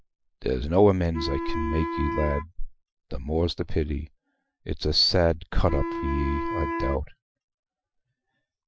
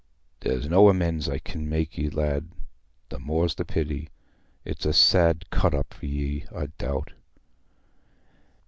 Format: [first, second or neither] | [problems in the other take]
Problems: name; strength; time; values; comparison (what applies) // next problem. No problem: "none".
second | noise reduction (classical method Wiener filter)